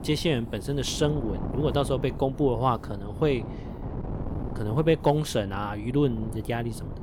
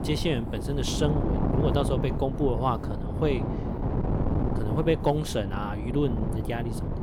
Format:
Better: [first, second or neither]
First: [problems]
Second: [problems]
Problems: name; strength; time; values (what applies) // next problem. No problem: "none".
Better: first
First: wind noise on the microphone; occasional gusts; 15 dB below the speech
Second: wind noise on the microphone; heavy; 5 dB below the speech